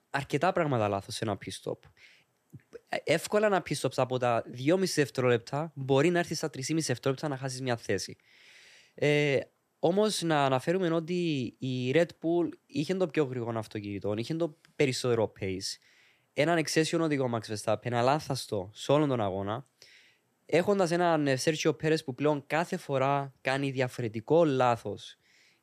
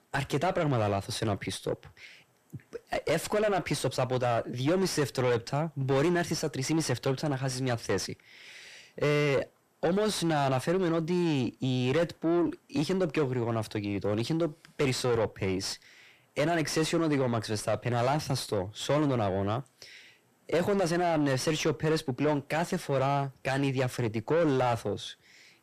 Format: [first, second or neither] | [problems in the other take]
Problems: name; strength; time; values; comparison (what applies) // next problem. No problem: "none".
first | distortion; heavy; 6 dB below the speech